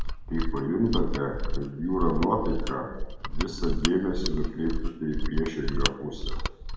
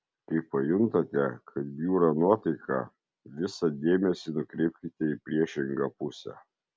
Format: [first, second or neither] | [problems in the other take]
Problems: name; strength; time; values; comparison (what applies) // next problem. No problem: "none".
second | background sound (Mechanisms); 1 dB above the speech // room echo; dies away in 1 s